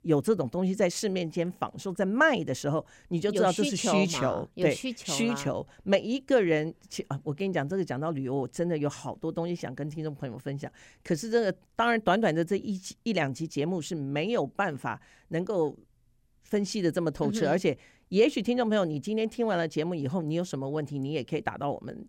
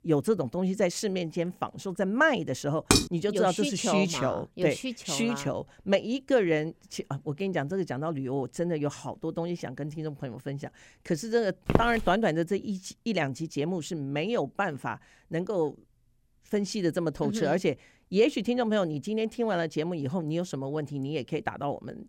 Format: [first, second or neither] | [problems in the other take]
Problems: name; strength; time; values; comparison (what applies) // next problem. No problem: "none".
first | clattering dishes; loud; at 3 s; peak 5 dB above the speech // footsteps; loud; at 12 s; peak 1 dB above the speech